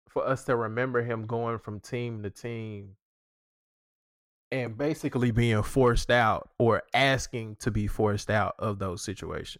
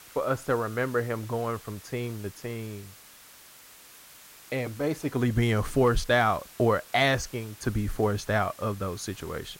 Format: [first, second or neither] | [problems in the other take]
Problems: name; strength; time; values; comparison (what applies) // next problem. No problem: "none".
first | hiss; noticeable; throughout; 20 dB below the speech